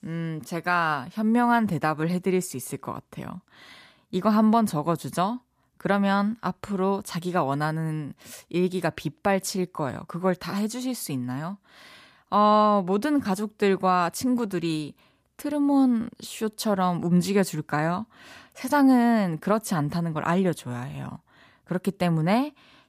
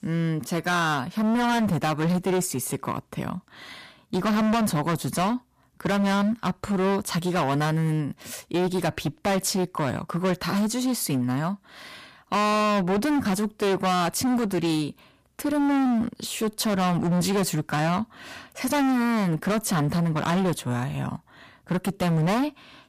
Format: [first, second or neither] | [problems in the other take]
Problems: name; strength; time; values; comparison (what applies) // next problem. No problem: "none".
first | distortion; heavy; 23% of the sound clipped